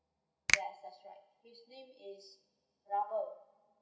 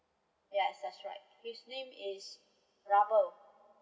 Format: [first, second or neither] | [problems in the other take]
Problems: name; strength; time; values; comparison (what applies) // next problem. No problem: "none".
second | background sound (Finger snapping); 4 dB above the speech // room echo; dies away in 0.5 s